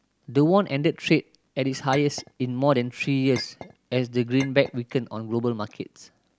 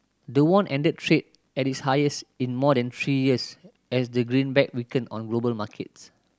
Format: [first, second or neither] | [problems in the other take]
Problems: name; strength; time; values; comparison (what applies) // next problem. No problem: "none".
second | background sound (Chink, clink); 18 dB below the speech